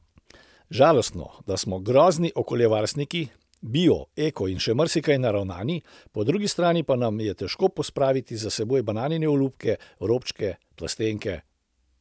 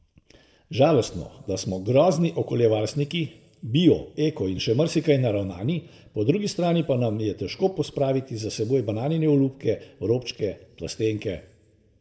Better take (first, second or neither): first